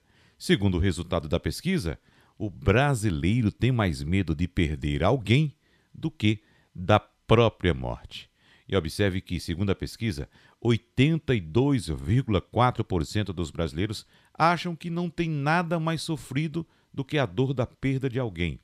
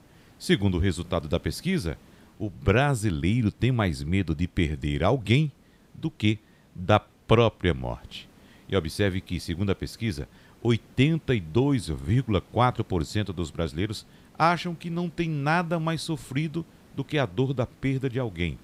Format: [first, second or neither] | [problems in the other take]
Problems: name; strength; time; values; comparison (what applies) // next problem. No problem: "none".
first | hiss; faint; throughout; 30 dB below the speech